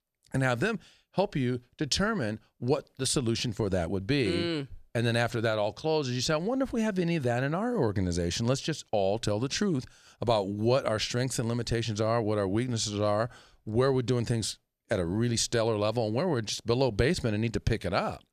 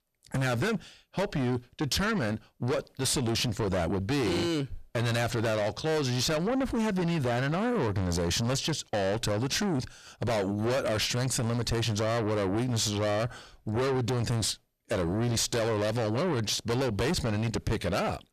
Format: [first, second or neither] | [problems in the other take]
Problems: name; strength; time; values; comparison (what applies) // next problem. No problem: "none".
first | distortion; heavy; 6 dB below the speech